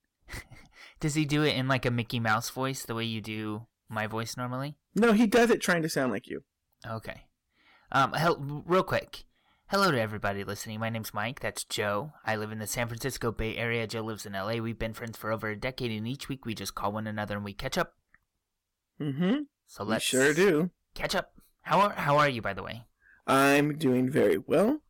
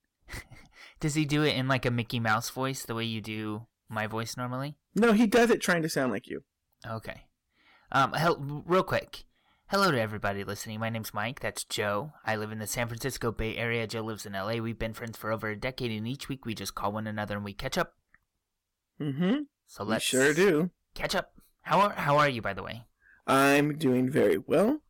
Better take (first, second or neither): neither